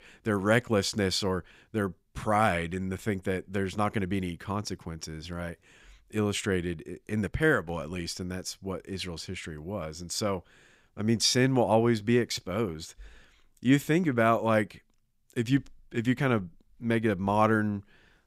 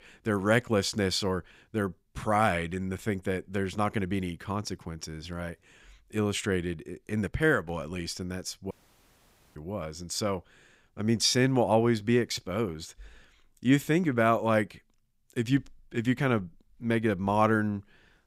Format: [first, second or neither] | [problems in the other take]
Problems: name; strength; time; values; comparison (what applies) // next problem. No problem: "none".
first | audio cutting out; at 8.5 s for 1 s